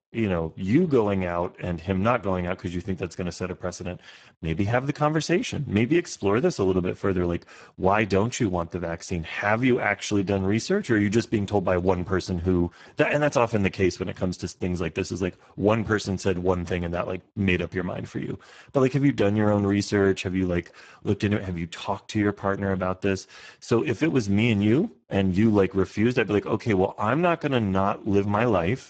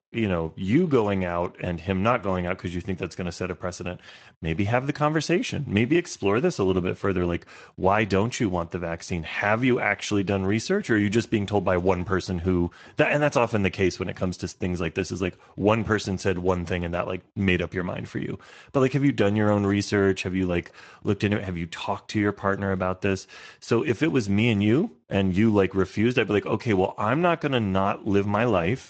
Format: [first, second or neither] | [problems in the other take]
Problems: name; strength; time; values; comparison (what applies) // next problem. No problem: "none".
second | garbled, watery; badly; nothing above 7.5 kHz; slightly in the second